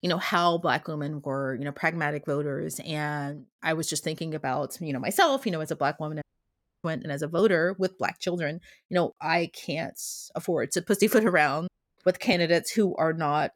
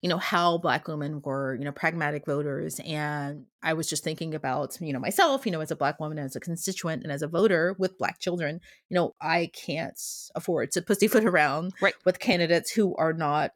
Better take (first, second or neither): second